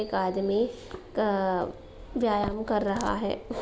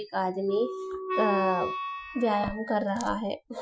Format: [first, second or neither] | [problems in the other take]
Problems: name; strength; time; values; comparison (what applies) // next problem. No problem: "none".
first | noise reduction (classical method Wiener filter)